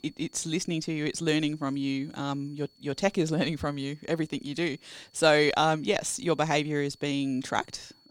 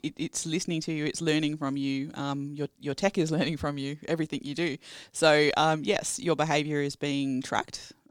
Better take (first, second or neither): second